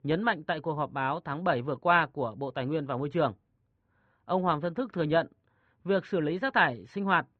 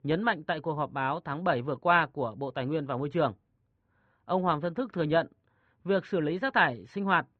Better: neither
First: muffled; very; fading above 2.5 kHz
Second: muffled; very; fading above 2.5 kHz

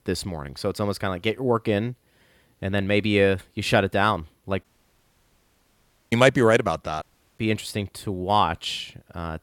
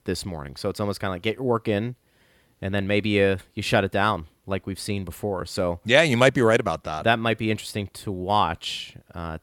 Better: second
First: audio cutting out; at 4.5 s for 1.5 s and at 7 s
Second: none

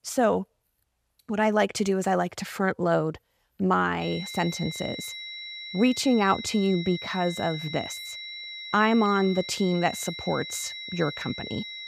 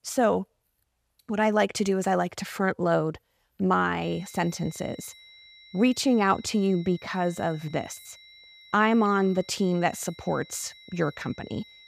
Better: second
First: high-pitched whine; loud; from 4 s on; 4 kHz, 9 dB below the speech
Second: high-pitched whine; faint; from 4 s on; 4 kHz, 20 dB below the speech

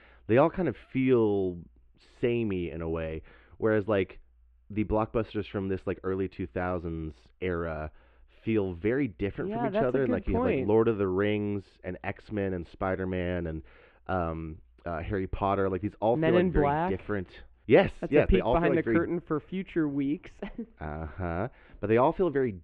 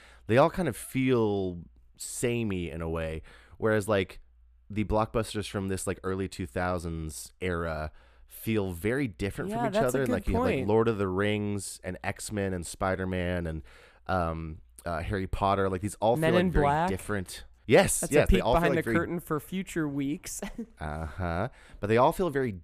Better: second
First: muffled; very; fading above 3 kHz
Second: none

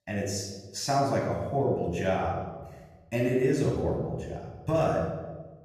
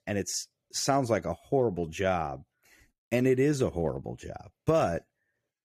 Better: second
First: off-mic speech; somewhat distant // room echo; noticeable; dies away in 1.1 s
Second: none

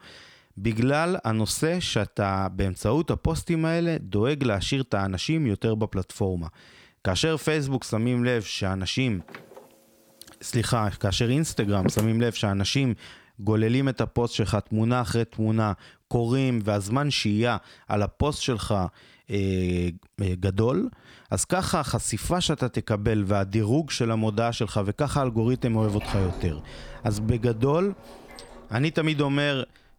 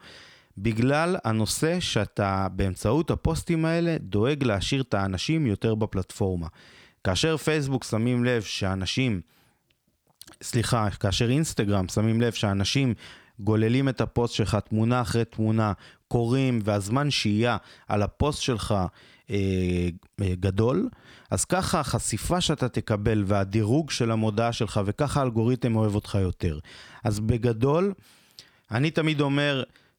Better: second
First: door banging; noticeable; from 9.5 to 12 s and from 25 to 29 s; peak 3 dB below the speech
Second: none

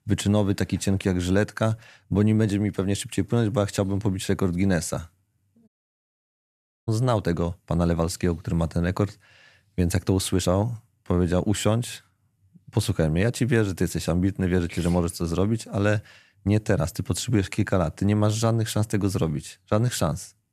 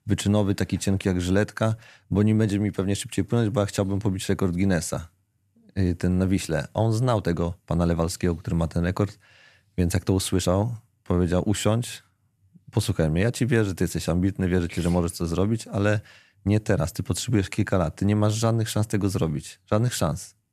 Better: second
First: audio cutting out; at 5.5 s for 1 s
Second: none

